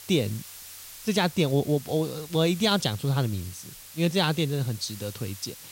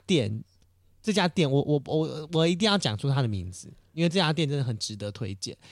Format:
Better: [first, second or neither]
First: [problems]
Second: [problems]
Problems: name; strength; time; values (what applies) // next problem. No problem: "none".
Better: second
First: hiss; noticeable; throughout; 15 dB below the speech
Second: none